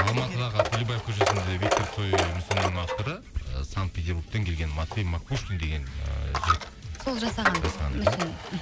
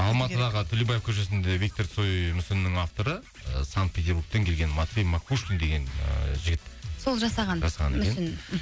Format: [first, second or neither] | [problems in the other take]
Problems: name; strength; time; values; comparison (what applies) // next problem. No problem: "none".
second | background sound (Coin (dropping)); 2 dB below the speech